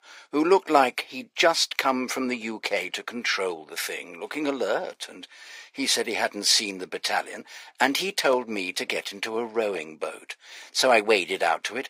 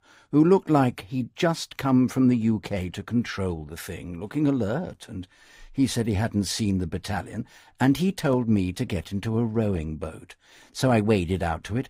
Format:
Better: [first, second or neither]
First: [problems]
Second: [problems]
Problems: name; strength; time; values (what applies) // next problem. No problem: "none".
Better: second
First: thin; very; fading below 450 Hz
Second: none